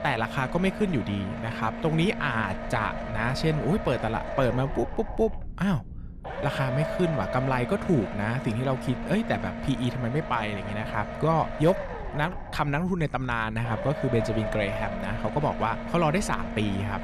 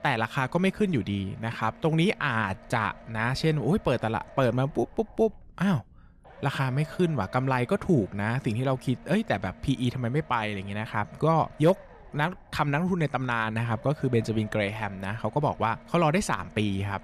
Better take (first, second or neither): second